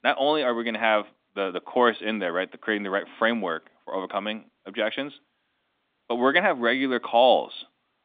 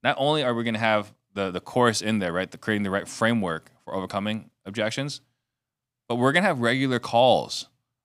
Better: second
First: phone-call audio; nothing above 3.5 kHz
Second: none

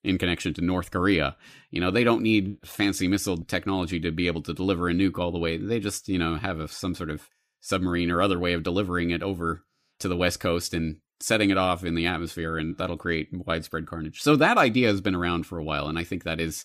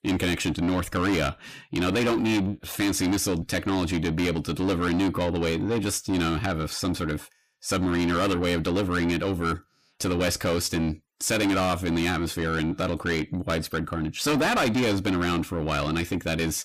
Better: first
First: none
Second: distortion; heavy; 7 dB below the speech

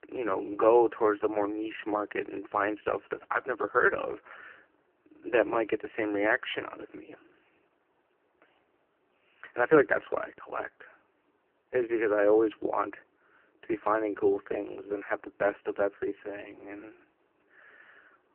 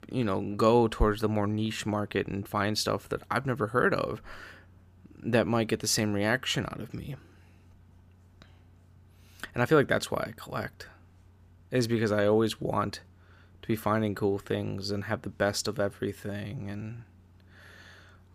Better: second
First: phone-call audio; poor line; nothing above 3 kHz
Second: none

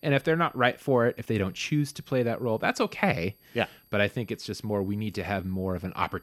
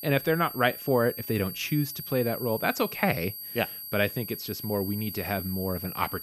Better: first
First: high-pitched whine; faint; throughout; 11.5 kHz, 30 dB below the speech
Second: high-pitched whine; loud; throughout; 11.5 kHz, 8 dB below the speech

